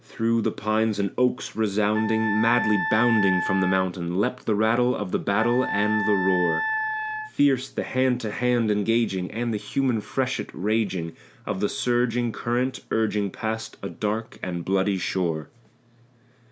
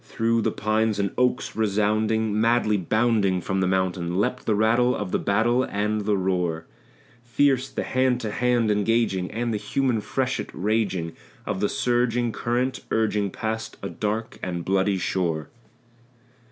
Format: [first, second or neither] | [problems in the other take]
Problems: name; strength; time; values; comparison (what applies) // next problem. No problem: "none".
second | background sound (Wind instrument, woodwind instrument); 4 dB below the speech